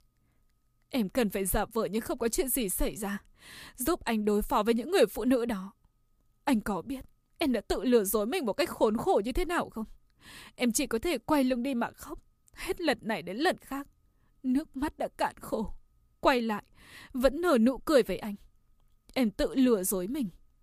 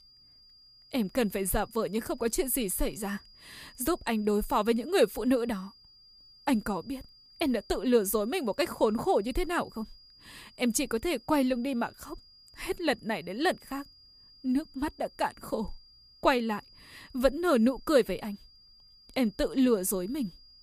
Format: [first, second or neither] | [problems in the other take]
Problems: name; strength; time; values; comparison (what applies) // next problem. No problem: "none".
first | high-pitched whine; faint; throughout; 5 kHz, 25 dB below the speech